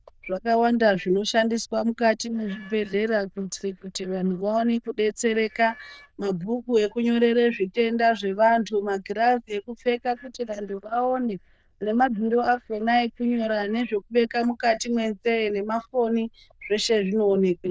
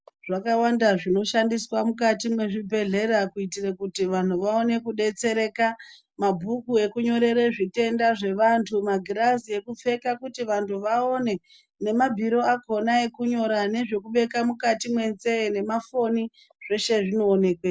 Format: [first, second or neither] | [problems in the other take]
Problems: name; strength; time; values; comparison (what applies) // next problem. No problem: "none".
second | noise reduction (neural diffusion model UNIVERSE++)